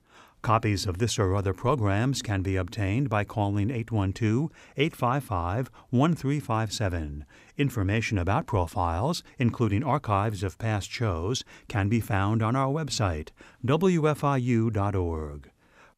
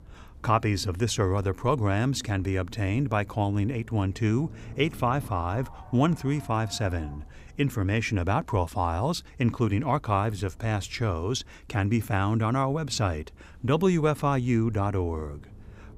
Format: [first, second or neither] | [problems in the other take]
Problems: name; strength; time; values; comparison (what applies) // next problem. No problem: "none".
first | low rumble; faint; throughout; 25 dB below the speech